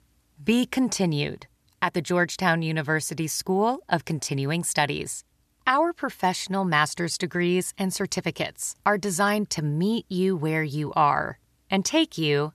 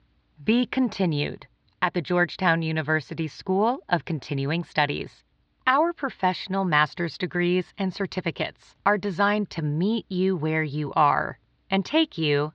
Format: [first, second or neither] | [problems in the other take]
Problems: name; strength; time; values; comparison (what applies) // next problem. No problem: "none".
first | muffled; slightly; fading above 4 kHz